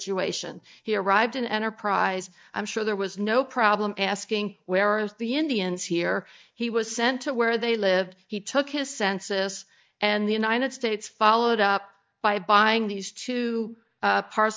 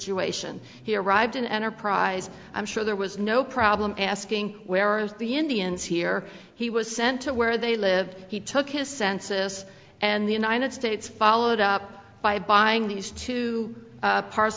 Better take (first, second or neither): second